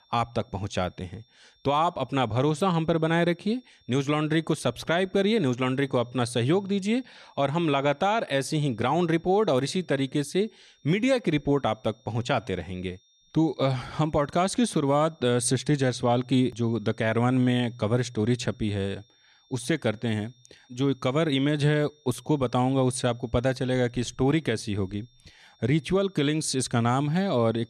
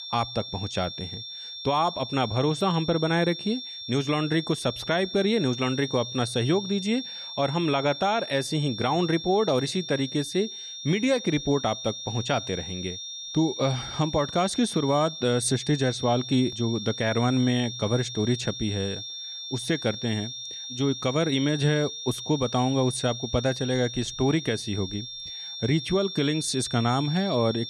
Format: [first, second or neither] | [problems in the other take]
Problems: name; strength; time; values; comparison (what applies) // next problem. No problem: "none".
first | high-pitched whine; loud; throughout; 3.5 kHz, 8 dB below the speech; faint in the first